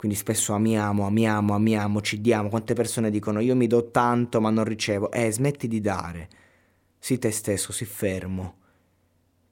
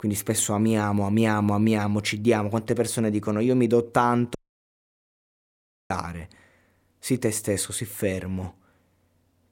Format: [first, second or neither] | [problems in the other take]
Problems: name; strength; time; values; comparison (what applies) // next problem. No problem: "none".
first | audio cutting out; at 4.5 s for 1.5 s